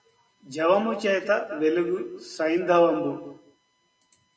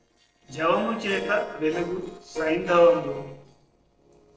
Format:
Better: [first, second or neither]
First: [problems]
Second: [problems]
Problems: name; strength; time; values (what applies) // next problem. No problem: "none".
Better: first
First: none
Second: noise reduction (neural separator model SepFormer DNS4)